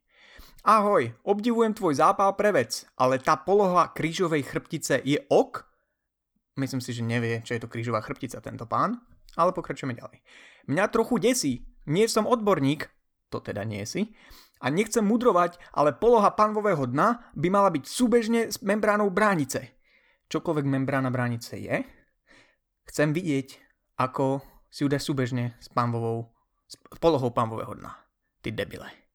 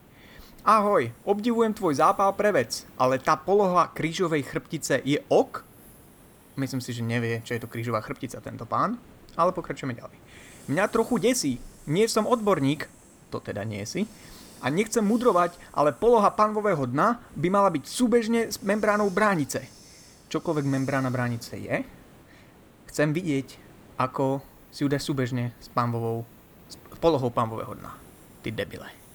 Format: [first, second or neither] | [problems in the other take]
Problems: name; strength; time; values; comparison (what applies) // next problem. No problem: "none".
first | hiss; faint; throughout; 25 dB below the speech